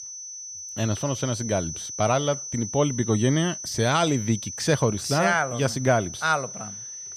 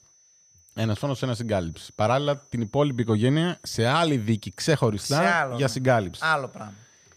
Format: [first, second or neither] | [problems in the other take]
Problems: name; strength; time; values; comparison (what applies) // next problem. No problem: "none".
second | high-pitched whine; loud; throughout; 6 kHz, 9 dB below the speech; faint in the second